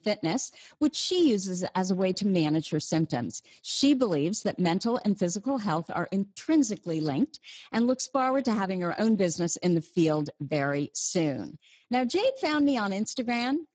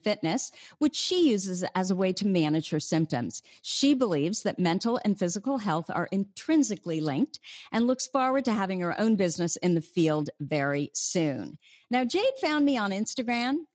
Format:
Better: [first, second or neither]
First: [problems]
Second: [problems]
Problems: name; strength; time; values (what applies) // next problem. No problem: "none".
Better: second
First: garbled, watery; badly; nothing above 7.5 kHz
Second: garbled, watery; slightly; nothing above 7.5 kHz